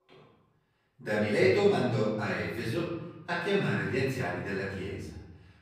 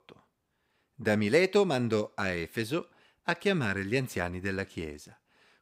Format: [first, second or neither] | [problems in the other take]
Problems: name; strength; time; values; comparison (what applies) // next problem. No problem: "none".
second | off-mic speech; far // room echo; noticeable; dies away in 1.1 s